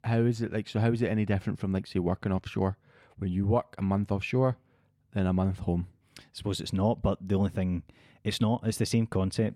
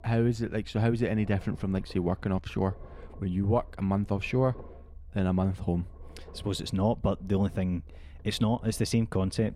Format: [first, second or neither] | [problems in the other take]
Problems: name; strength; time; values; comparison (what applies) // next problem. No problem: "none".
first | low rumble; faint; throughout; 20 dB below the speech